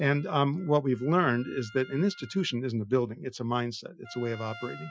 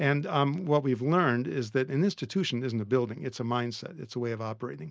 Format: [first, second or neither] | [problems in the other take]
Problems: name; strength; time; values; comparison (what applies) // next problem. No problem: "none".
second | noise reduction (classical method Wiener filter)